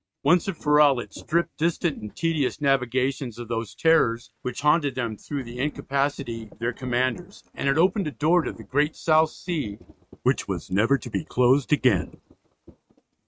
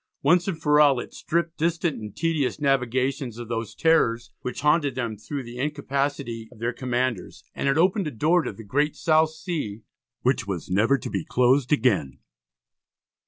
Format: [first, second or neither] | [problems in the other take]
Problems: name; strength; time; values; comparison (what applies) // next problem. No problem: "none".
second | noise reduction (neural mask model RNNoise)